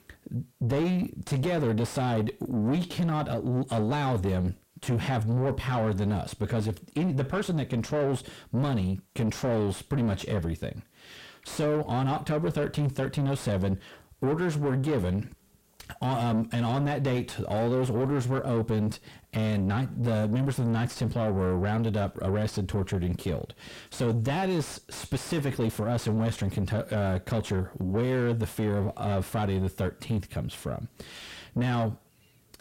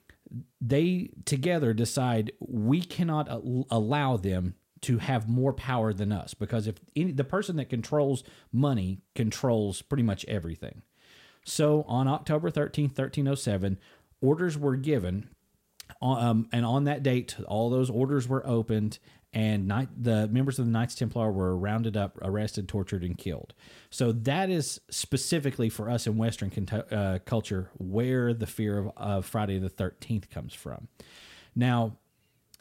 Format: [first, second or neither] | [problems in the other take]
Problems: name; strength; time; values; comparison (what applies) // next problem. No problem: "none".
second | distortion; heavy; 7 dB below the speech